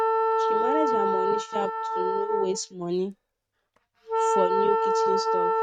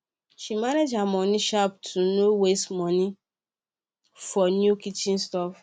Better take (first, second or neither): second